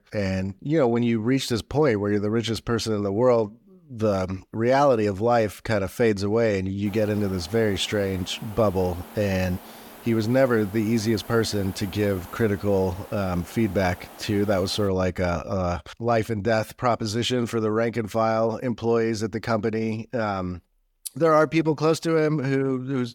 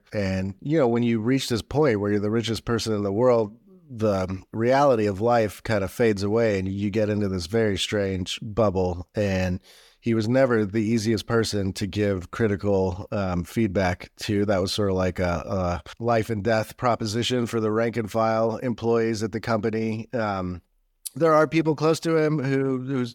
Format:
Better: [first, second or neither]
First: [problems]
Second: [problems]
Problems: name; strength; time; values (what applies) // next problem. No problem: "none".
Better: second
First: hiss; noticeable; from 7 to 15 s; 20 dB below the speech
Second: none